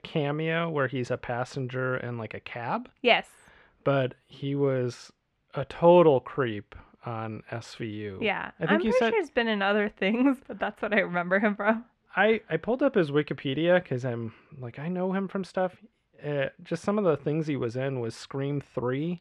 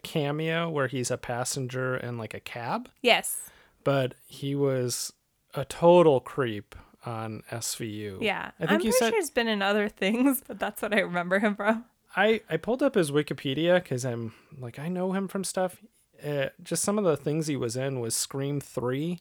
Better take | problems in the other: second | muffled; slightly; fading above 2.5 kHz

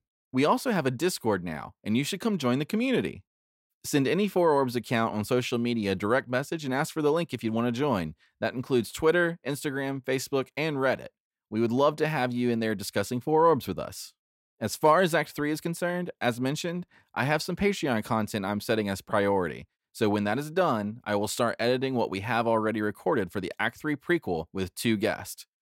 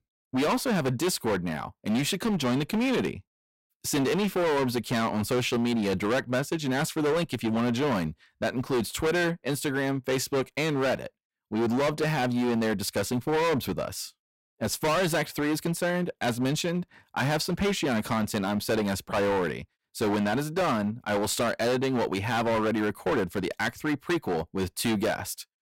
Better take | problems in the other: first | distortion; heavy; 19% of the sound clipped

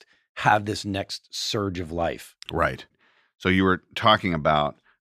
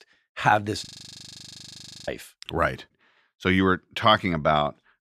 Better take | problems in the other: first | audio freezing; at 1 s for 1 s

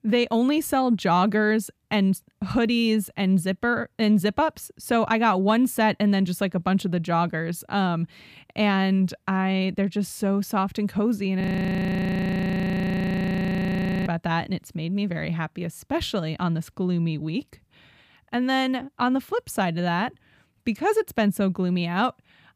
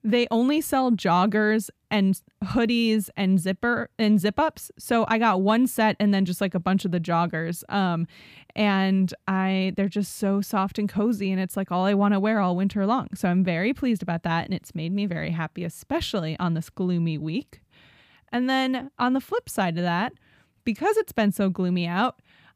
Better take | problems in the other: second | audio freezing; at 11 s for 2.5 s

